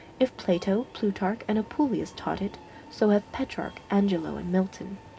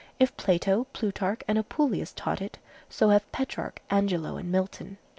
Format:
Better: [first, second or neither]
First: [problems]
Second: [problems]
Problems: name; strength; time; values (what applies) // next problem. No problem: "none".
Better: second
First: background sound (Subway, metro, underground); 20 dB below the speech // room echo; dies away in 0.3 s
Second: none